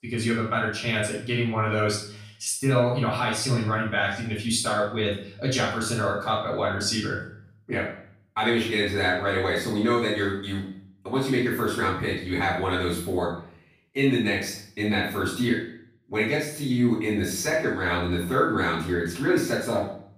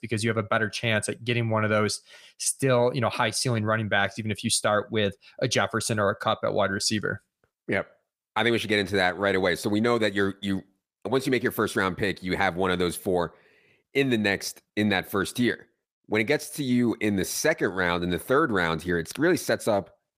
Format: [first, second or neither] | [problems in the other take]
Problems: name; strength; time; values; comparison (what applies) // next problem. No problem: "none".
second | room echo; noticeable; dies away in 0.5 s // off-mic speech; far